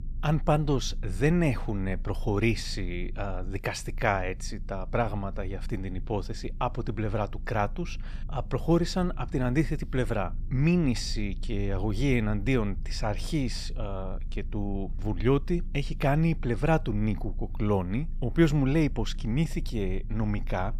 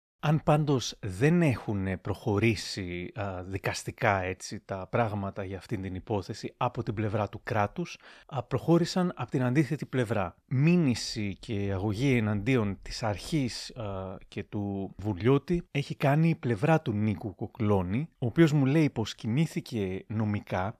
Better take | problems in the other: second | low rumble; faint; throughout; 25 dB below the speech

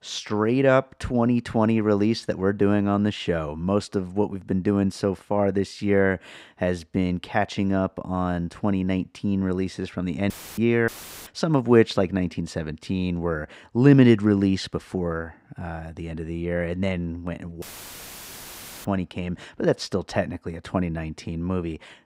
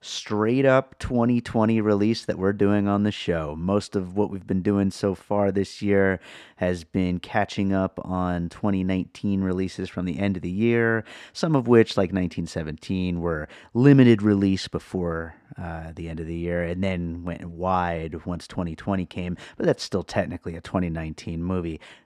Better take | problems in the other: second | audio cutting out; filled with static; at 10 s, at 11 s and at 18 s for 1 s

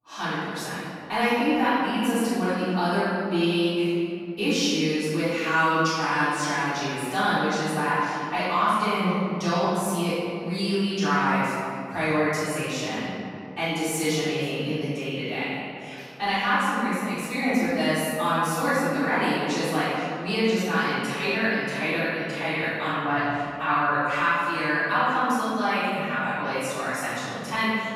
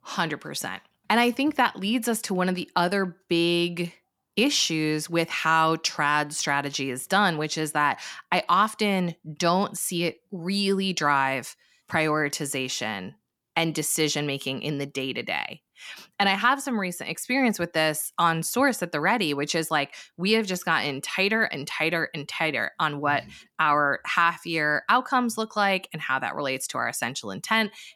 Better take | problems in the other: second | room echo; strong; dies away in 2.5 s // off-mic speech; far

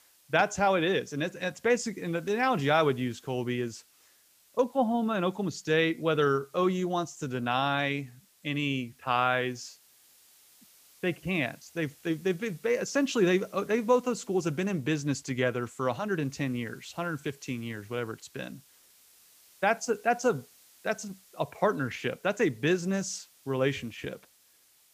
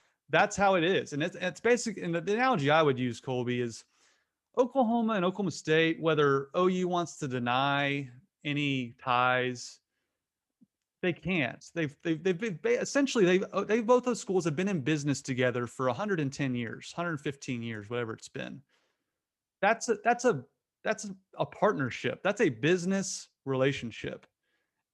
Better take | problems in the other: second | hiss; faint; throughout; 30 dB below the speech

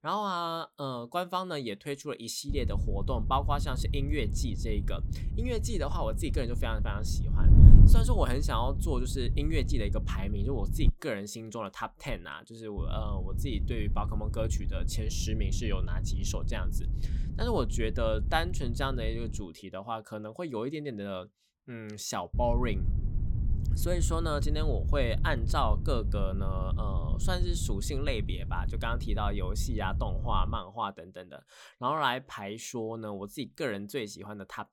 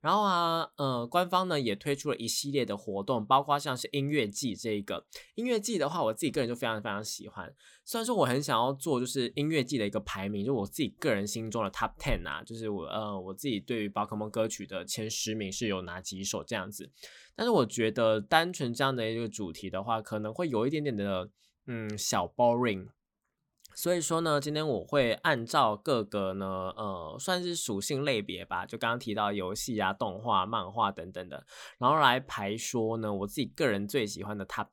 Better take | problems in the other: second | wind noise on the microphone; occasional gusts; from 2.5 to 11 s, from 13 to 19 s and from 22 to 31 s; 10 dB below the speech

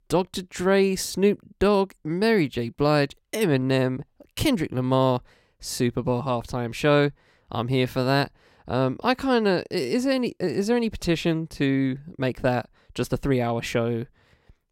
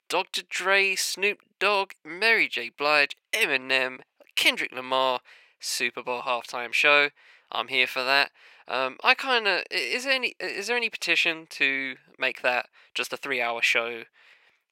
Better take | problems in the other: first | thin; very; fading below 650 Hz

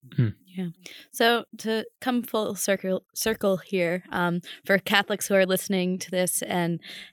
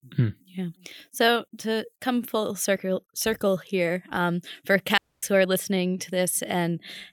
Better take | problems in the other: first | audio cutting out; at 5 s

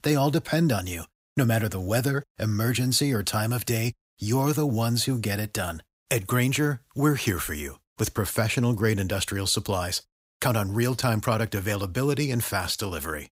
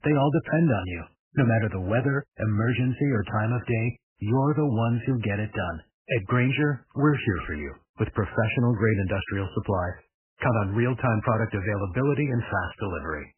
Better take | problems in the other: first | garbled, watery; badly; nothing above 3 kHz

